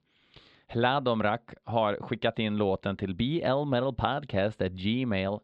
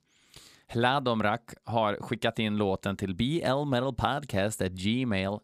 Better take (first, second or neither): second